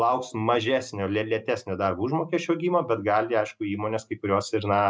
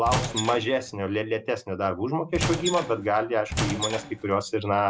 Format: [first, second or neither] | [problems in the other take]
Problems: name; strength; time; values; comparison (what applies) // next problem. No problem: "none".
first | background sound (Squeak / Wood); 6 dB below the speech